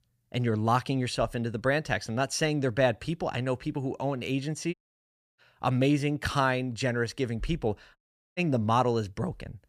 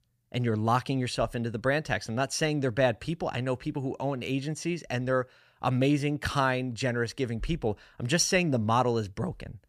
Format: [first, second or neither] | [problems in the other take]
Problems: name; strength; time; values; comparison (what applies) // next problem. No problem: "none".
second | audio cutting out; at 4.5 s for 0.5 s and at 8 s